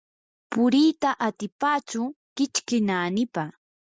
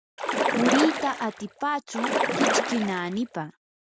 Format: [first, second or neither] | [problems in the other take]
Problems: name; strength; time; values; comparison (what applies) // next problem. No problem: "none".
first | background sound (Splash, splatter); 1 dB above the speech